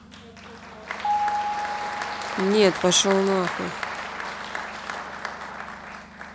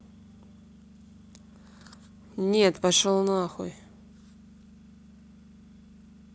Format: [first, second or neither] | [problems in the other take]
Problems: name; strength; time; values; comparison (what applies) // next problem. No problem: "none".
second | background sound (Piano + Applause); 3 dB below the speech